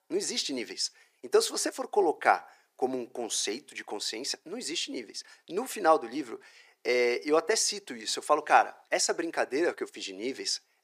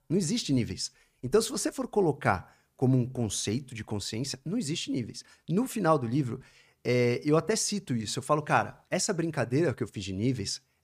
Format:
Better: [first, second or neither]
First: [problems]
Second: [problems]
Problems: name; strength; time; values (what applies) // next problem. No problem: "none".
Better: second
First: thin; very; fading below 350 Hz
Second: none